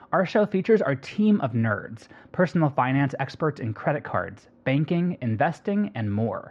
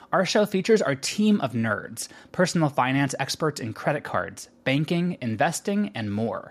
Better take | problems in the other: second | muffled; very; fading above 2 kHz

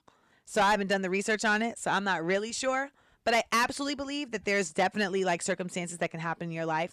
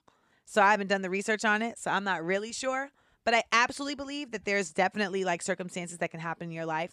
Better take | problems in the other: second | distortion; slight; 10 dB below the speech

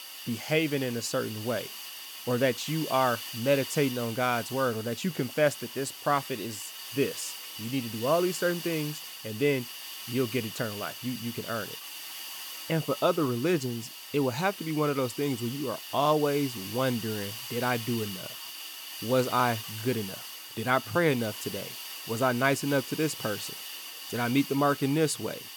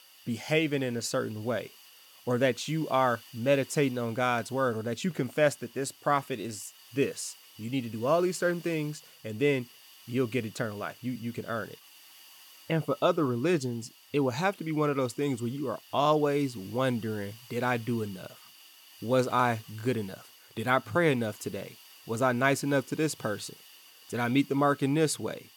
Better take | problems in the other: second | hiss; loud; throughout; 9 dB below the speech; faint in the second

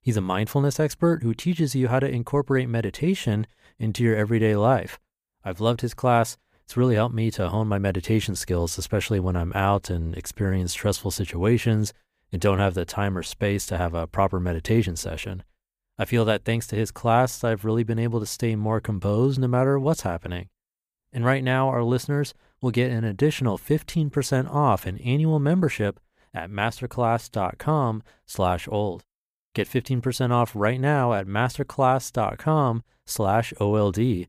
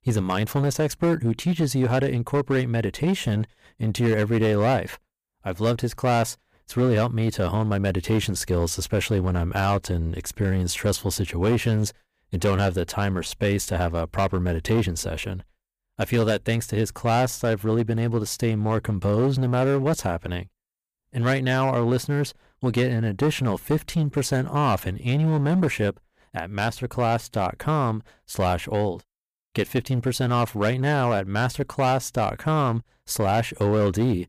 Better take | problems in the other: first | distortion; slight; 9% of the sound clipped

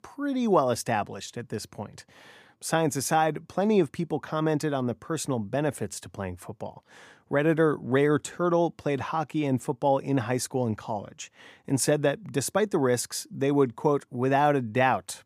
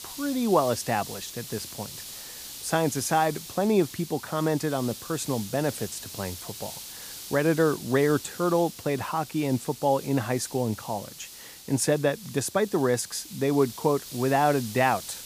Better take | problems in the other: first | hiss; noticeable; throughout; 10 dB below the speech

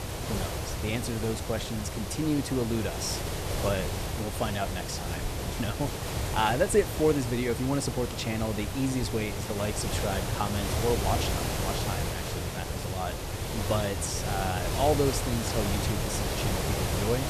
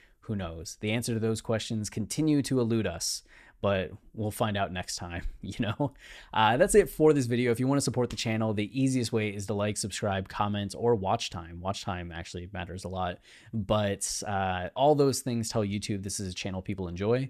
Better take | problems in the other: second | hiss; loud; throughout; 1 dB below the speech

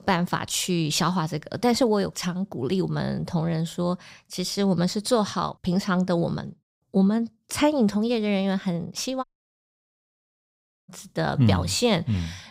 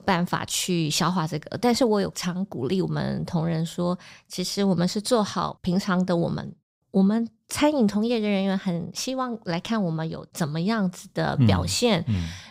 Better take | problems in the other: second | audio cutting out; at 9 s for 1.5 s

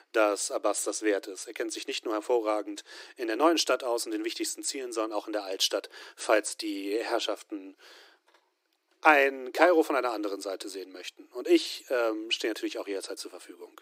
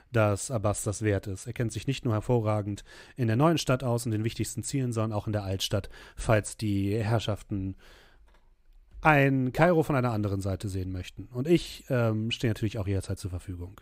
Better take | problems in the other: second | thin; very; fading below 300 Hz

